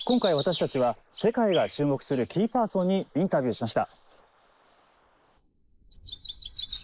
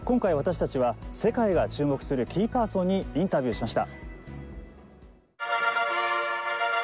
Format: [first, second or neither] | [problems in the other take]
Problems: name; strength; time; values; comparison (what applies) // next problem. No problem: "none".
second | noise reduction (neural mask model Resemble Enhance denoiser)